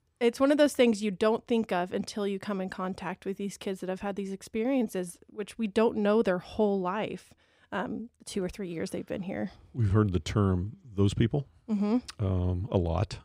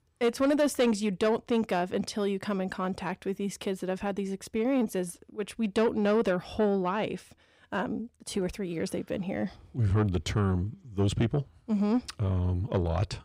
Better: first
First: none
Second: distortion; slight; 10 dB below the speech

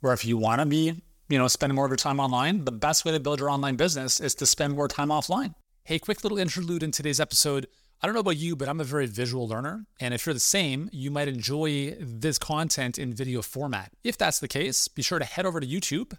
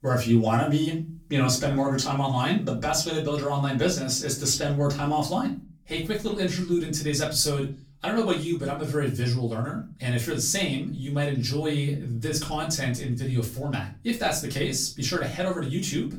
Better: first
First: none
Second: room echo; slight; dies away in 0.4 s // off-mic speech; far

